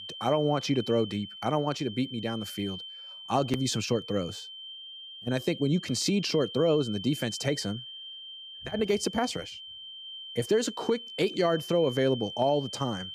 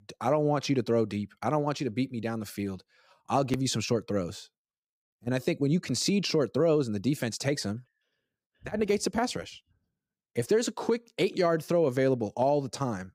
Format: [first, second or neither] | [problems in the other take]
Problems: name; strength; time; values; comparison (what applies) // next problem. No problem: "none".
second | high-pitched whine; noticeable; throughout; 3 kHz, 10 dB below the speech